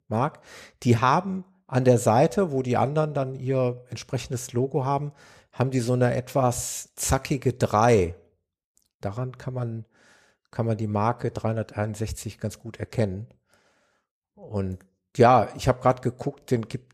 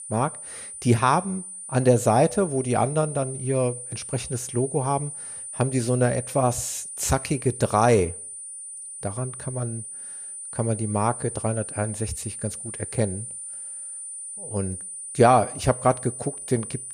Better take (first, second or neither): first